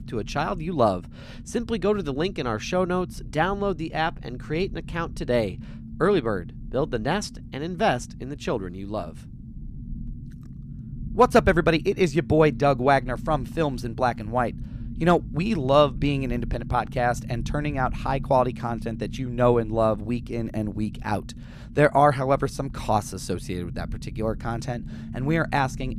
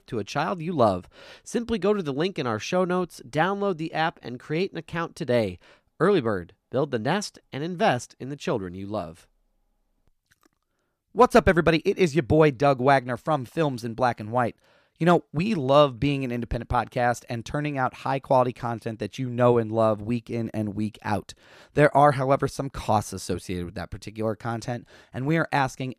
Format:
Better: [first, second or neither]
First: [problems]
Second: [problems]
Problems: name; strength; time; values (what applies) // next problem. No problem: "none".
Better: second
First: low rumble; faint; throughout; 25 dB below the speech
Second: none